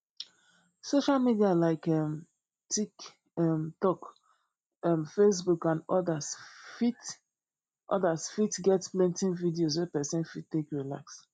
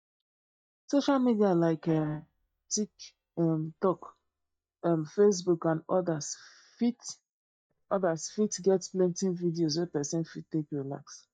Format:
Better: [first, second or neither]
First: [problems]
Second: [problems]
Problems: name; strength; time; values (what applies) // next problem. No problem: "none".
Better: first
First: none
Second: noise reduction (neural mask model DeepFilterNet 3)